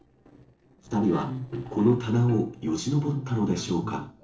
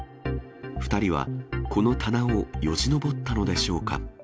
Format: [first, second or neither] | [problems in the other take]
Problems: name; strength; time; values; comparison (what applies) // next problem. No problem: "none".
second | noise reduction (neural separator model SepFormer DNS4)